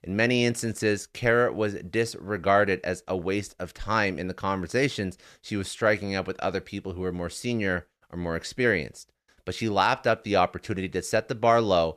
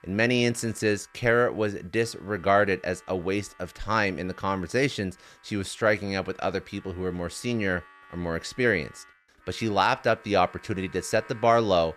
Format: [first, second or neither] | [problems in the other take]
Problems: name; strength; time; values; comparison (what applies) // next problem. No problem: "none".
first | background music; faint; throughout; 25 dB below the speech